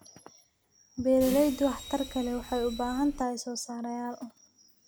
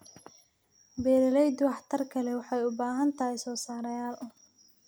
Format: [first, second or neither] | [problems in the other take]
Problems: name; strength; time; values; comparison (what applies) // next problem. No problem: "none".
second | background sound (Bus); 11 dB below the speech